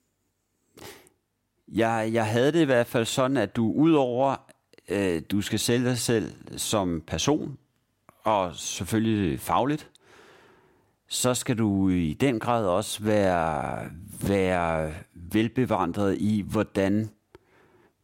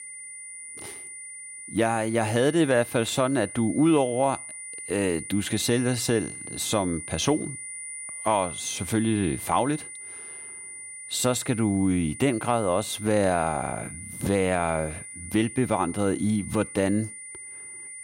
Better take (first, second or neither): first